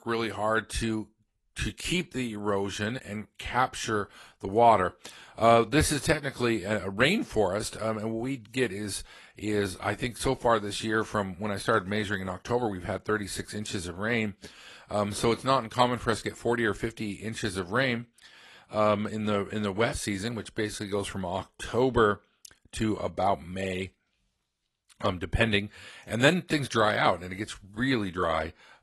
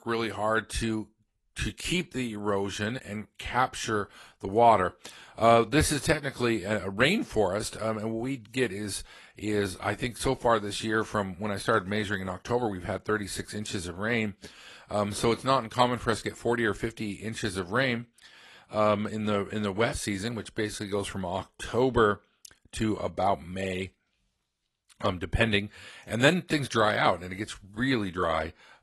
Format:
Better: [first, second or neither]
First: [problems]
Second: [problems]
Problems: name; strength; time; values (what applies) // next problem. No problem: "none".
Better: neither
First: garbled, watery; slightly; nothing above 11.5 kHz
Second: garbled, watery; slightly; nothing above 11.5 kHz